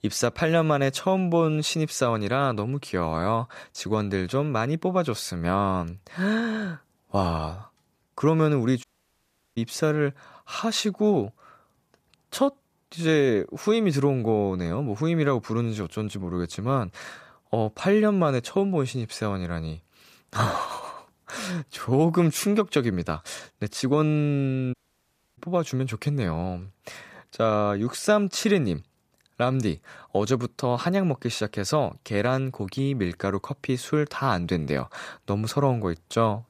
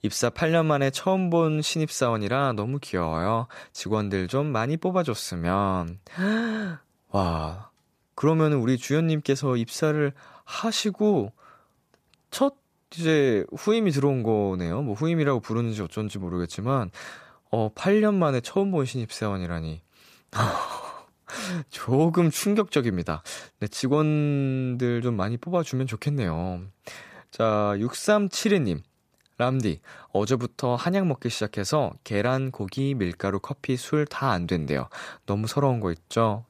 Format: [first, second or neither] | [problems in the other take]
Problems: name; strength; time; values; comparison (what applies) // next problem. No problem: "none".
second | audio cutting out; at 9 s for 0.5 s and at 25 s for 0.5 s